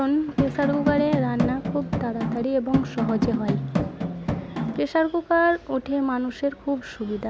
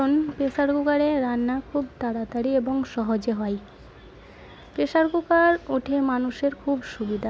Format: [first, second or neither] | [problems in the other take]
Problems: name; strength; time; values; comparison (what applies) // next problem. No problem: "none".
second | background sound (Drum); 1 dB below the speech